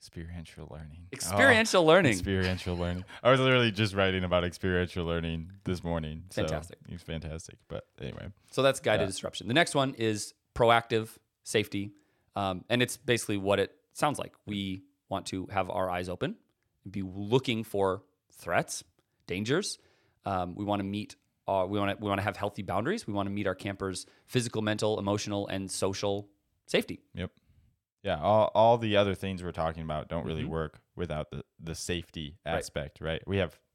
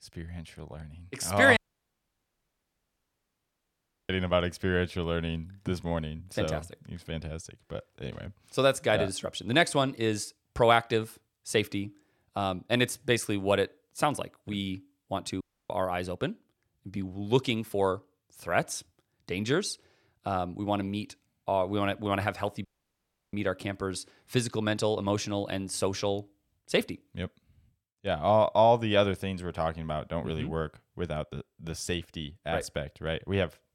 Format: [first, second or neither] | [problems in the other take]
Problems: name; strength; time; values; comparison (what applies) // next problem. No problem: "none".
first | audio cutting out; at 1.5 s for 2.5 s, at 15 s and at 23 s for 0.5 s